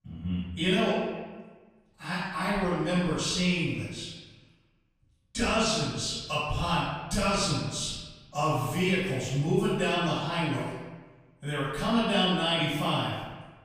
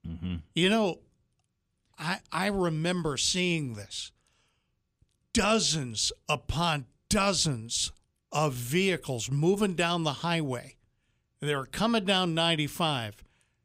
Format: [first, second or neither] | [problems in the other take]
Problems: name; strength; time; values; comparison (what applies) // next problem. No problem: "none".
second | off-mic speech; far // room echo; strong; dies away in 1.2 s